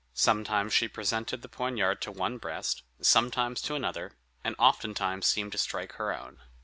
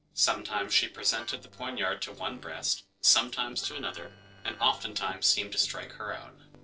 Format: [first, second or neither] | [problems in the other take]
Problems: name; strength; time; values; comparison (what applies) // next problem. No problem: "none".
first | noise reduction (neural separator model SepFormer DNS4)